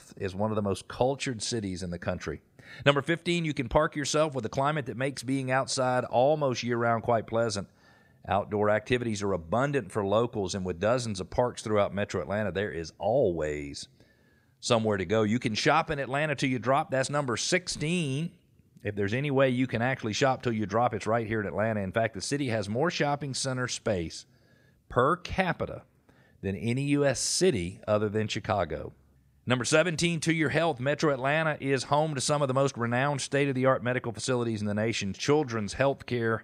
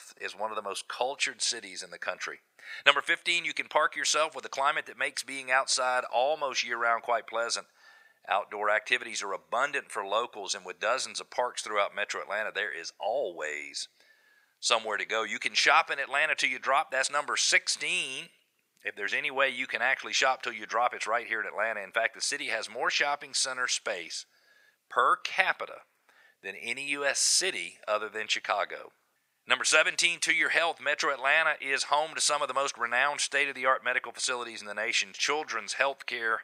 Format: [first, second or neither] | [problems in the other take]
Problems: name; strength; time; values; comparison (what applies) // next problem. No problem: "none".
first | thin; very; fading below 950 Hz